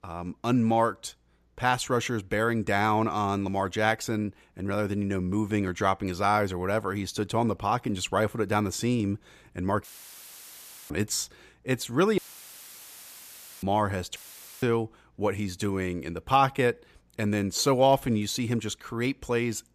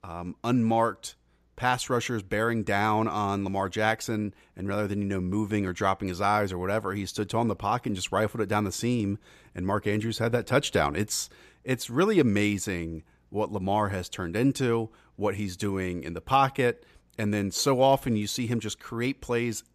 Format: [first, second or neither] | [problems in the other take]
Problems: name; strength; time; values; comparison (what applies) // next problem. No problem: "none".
second | audio cutting out; filled with static; at 10 s for 1 s, at 12 s for 1.5 s and at 14 s